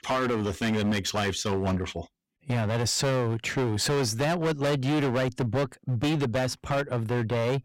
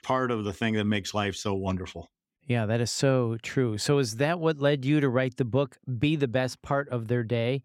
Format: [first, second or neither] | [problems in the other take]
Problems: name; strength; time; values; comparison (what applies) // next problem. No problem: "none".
second | distortion; heavy; 23% of the sound clipped